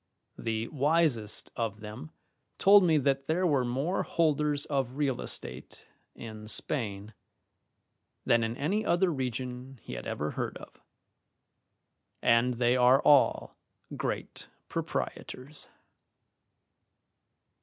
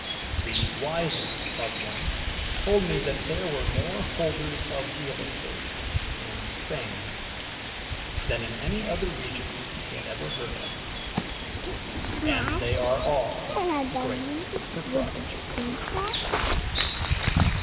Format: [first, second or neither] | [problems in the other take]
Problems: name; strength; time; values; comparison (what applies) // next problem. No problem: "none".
first | background sound (Bird vocalization, bird call, bird song); 3 dB above the speech // room echo; dies away in 1.9 s